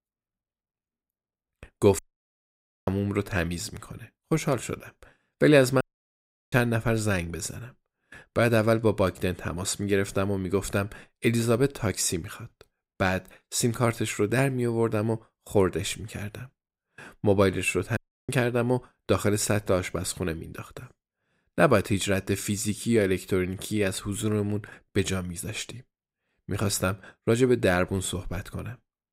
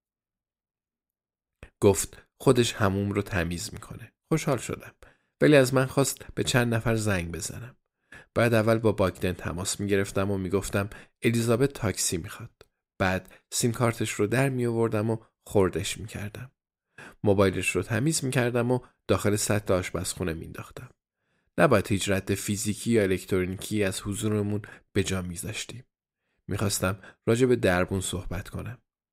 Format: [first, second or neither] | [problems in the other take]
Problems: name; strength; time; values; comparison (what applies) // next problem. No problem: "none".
second | audio cutting out; at 2 s for 1 s, at 6 s for 0.5 s and at 18 s